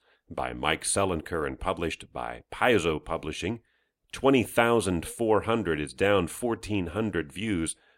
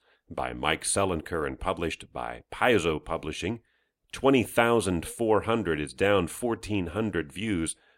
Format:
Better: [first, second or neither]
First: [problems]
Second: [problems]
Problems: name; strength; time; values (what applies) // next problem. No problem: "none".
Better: neither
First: none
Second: none